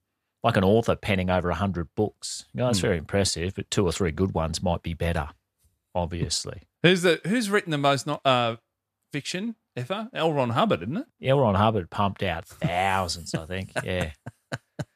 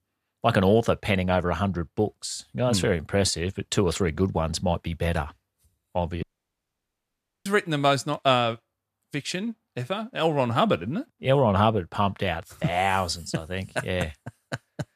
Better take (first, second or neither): first